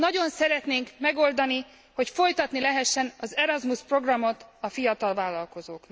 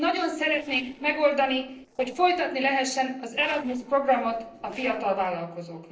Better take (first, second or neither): first